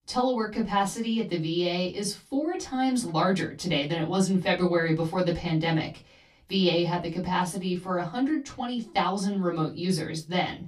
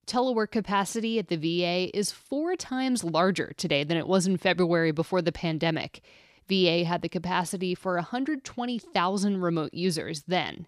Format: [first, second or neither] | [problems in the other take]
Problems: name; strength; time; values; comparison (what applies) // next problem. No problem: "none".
second | off-mic speech; far // room echo; very slight; dies away in 0.2 s